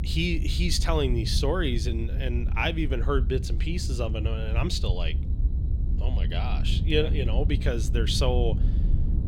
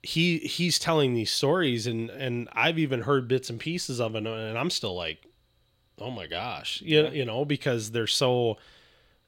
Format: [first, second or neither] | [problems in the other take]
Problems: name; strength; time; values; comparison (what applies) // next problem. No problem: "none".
second | low rumble; noticeable; throughout; 15 dB below the speech